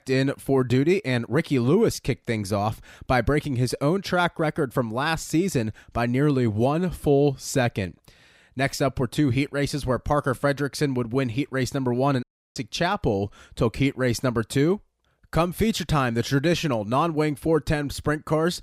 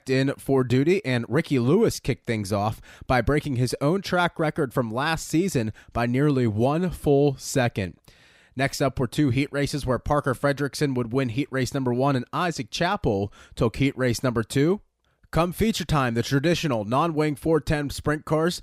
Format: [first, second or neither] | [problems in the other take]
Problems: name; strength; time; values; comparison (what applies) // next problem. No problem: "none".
second | audio cutting out; at 12 s